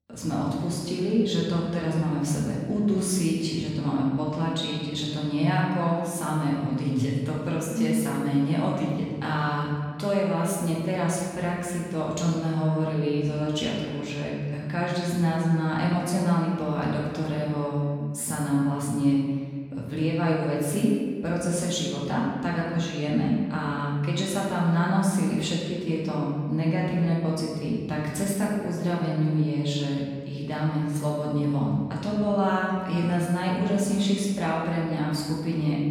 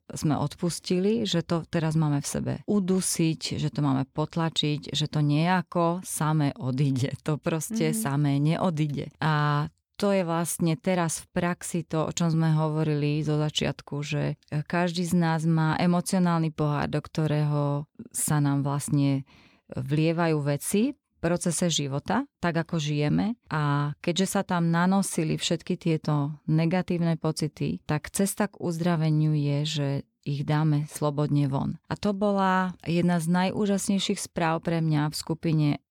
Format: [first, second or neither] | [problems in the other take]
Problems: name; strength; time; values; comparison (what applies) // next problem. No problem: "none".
second | room echo; noticeable; dies away in 1.5 s // off-mic speech; far